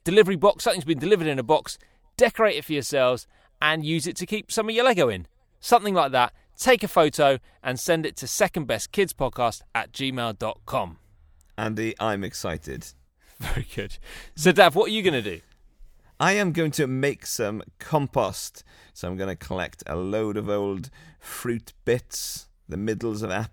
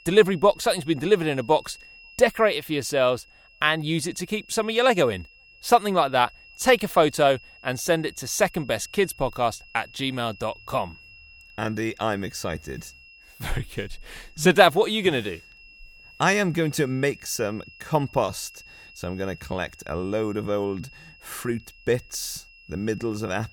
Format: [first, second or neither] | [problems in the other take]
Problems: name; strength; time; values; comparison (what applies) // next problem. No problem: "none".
first | high-pitched whine; faint; throughout; 2.5 kHz, 25 dB below the speech